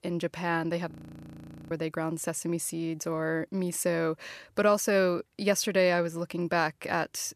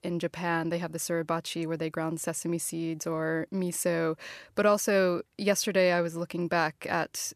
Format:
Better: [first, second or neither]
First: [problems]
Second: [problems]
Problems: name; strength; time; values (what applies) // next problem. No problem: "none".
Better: second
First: audio freezing; at 1 s for 1 s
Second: none